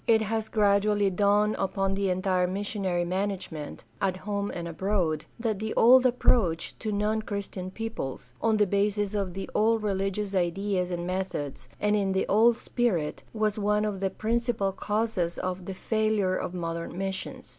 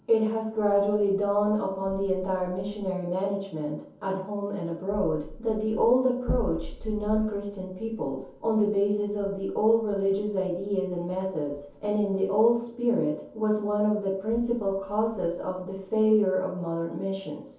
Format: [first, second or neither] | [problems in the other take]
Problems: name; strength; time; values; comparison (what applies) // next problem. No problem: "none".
first | room echo; dies away in 0.6 s